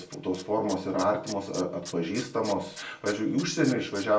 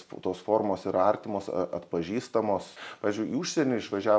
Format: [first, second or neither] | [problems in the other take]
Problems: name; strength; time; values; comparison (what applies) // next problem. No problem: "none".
second | background sound (Tools); 17 dB below the speech // room echo; dies away in 0.3 s